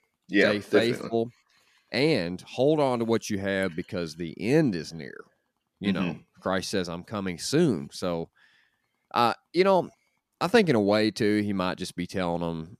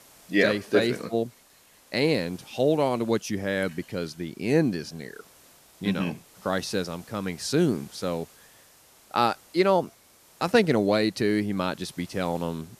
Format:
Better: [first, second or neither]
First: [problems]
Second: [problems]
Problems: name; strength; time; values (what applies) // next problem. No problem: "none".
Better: first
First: none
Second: hiss; faint; throughout; 25 dB below the speech